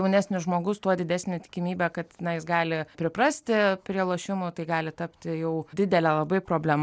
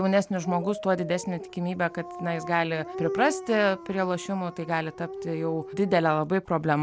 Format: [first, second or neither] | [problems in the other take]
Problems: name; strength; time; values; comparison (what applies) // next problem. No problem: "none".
first | background sound (Dog); 12 dB below the speech